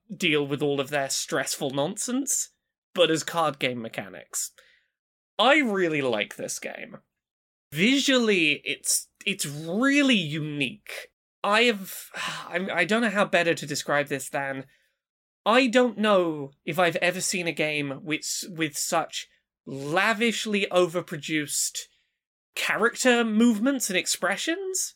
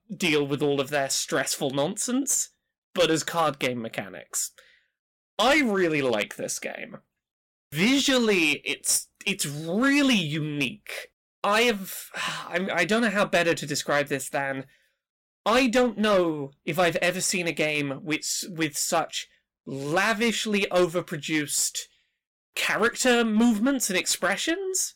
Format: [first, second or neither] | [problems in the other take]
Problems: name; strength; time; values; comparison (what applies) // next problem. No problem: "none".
first | distortion; slight; 4% of the sound clipped